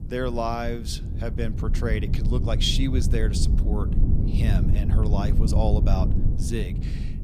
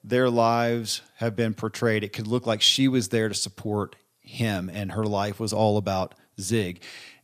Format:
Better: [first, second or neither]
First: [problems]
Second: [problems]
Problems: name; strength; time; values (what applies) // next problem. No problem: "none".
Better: second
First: low rumble; loud; throughout; 7 dB below the speech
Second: none